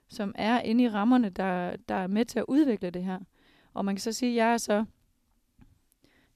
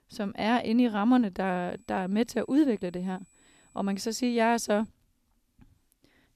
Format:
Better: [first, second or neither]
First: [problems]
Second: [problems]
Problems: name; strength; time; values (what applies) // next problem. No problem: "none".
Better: first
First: none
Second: high-pitched whine; faint; from 1.5 to 5 s; 8 kHz, 35 dB below the speech